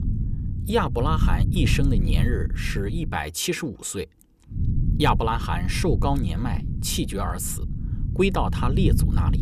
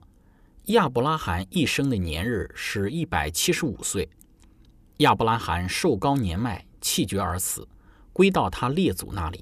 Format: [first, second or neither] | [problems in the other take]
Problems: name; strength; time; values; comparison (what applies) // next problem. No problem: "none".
second | low rumble; noticeable; until 3 s and from 4.5 s on; 10 dB below the speech